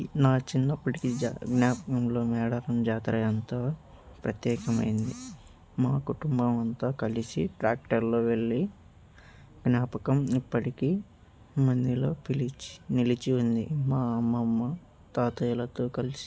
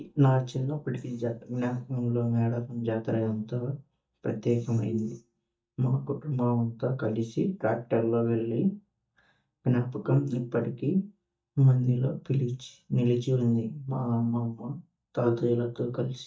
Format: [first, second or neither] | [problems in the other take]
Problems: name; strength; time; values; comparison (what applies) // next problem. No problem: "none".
first | noise reduction (neural mask model DeepFilterNet 3)